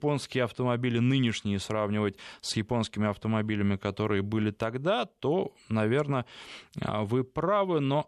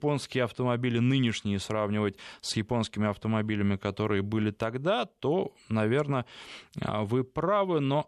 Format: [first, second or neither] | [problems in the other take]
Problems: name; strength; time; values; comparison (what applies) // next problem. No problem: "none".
neither | none